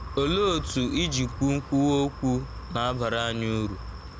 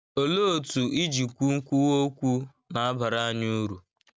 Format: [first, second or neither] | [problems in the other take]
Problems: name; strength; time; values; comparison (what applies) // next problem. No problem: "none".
second | background sound (Wind); 11 dB below the speech